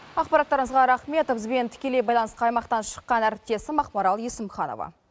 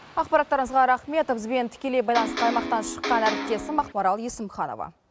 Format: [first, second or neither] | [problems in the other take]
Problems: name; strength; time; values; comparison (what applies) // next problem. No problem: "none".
first | background sound (Electric guitar); 5 dB below the speech